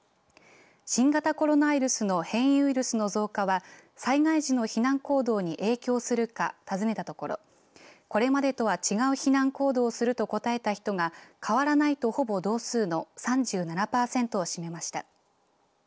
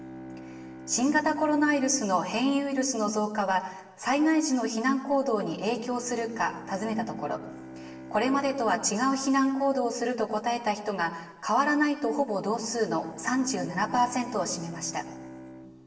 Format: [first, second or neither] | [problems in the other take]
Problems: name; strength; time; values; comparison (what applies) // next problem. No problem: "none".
first | background sound (Bowed string instrument); 18 dB below the speech // room echo; dies away in 1 s